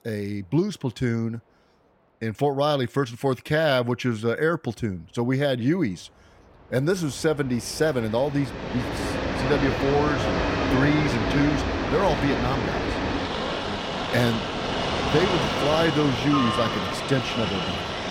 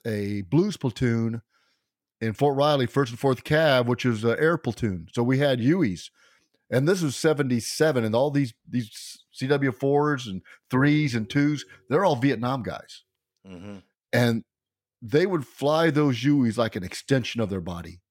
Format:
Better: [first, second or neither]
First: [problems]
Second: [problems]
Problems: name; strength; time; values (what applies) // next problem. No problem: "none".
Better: second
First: train or aircraft noise; loud; throughout; 1 dB below the speech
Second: none